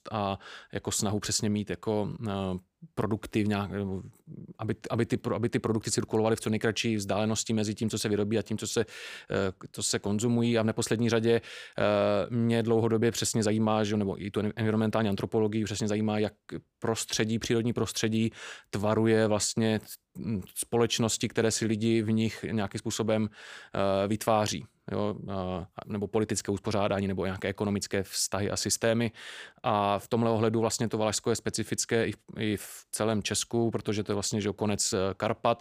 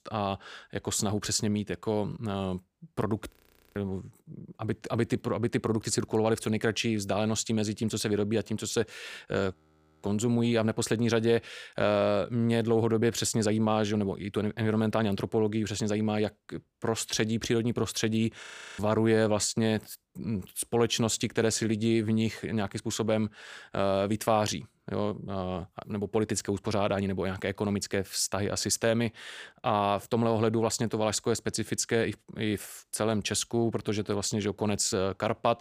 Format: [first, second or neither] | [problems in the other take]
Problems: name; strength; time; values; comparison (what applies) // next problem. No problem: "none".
first | audio freezing; at 3.5 s, at 9.5 s and at 18 s